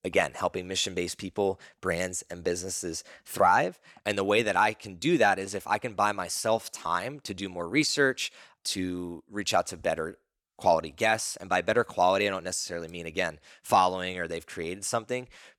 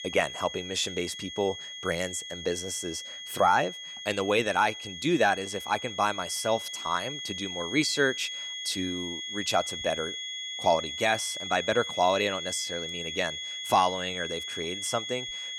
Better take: first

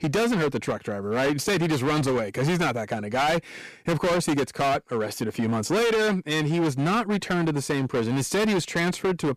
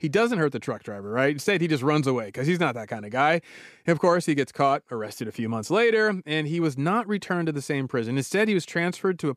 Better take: second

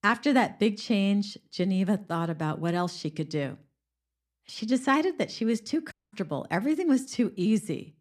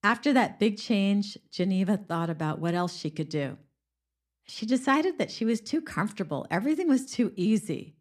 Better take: second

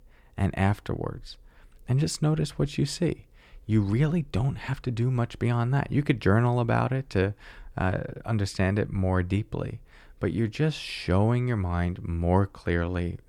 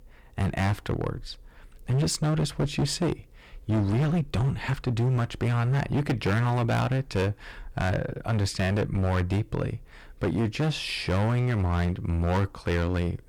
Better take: first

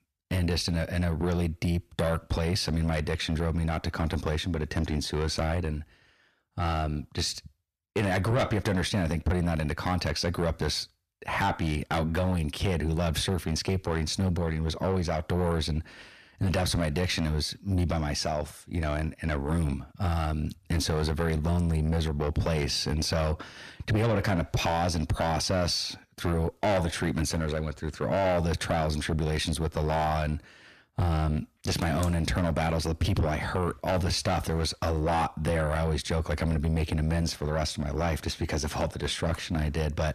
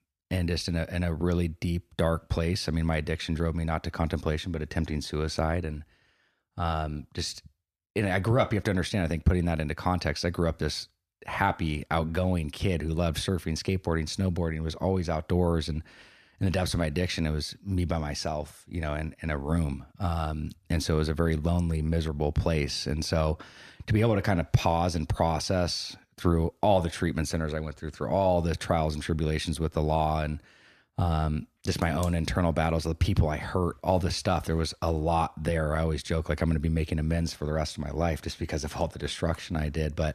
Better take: second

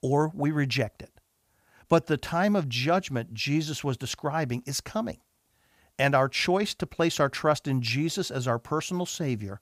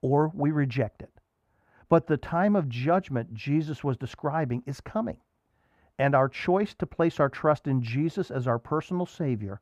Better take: first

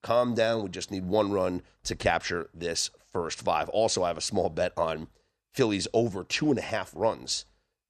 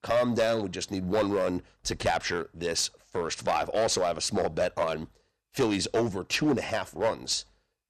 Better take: first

